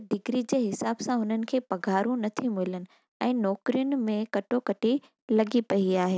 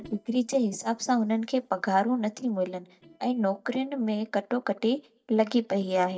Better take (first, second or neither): first